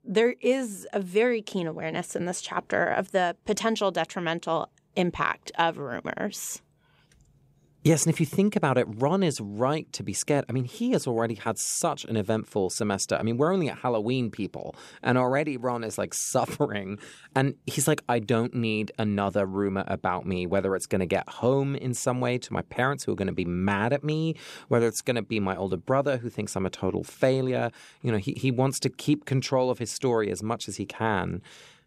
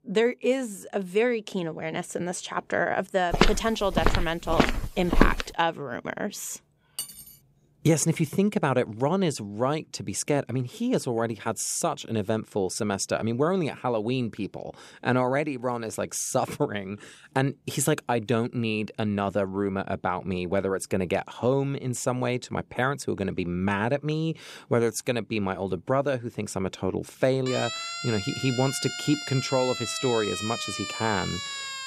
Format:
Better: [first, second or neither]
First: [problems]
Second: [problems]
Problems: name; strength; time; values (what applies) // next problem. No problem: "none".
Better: first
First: none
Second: footsteps; loud; from 3.5 to 5.5 s; peak 3 dB above the speech // clattering dishes; noticeable; at 7 s; peak 8 dB below the speech // siren; noticeable; from 27 s on; peak 4 dB below the speech